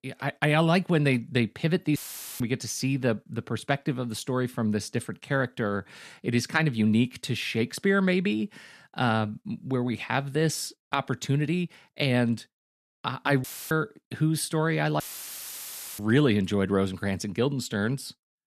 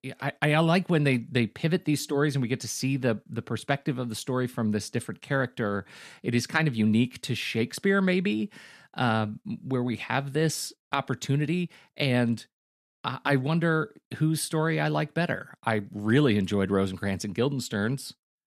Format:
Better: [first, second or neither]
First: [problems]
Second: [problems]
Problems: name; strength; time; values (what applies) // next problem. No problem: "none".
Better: second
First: audio cutting out; filled with static; at 2 s, at 13 s and at 15 s for 1 s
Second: none